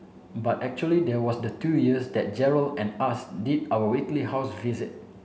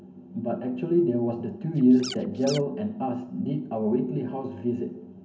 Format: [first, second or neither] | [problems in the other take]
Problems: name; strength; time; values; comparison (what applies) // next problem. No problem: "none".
first | background sound (Scratching (performance technique)); 13 dB below the speech // room echo; dies away in 0.3 s